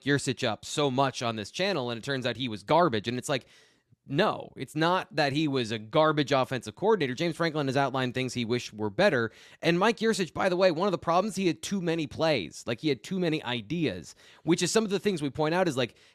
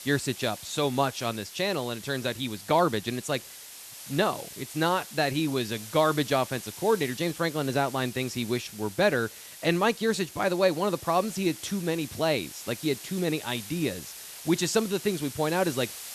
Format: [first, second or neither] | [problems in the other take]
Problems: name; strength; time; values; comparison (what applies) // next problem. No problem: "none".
first | hiss; noticeable; throughout; 15 dB below the speech